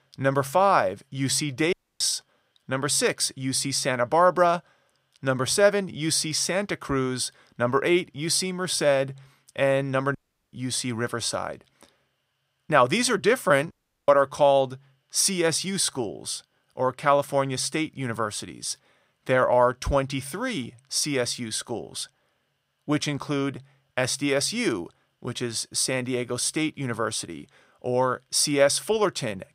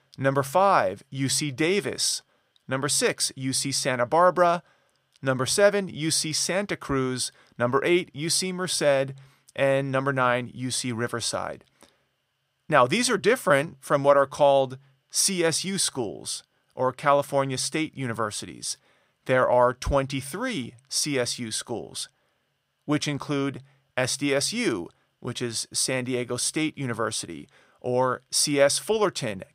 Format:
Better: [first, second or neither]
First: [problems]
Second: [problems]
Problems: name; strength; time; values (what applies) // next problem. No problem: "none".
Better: second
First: audio cutting out; at 1.5 s, at 10 s and at 14 s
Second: none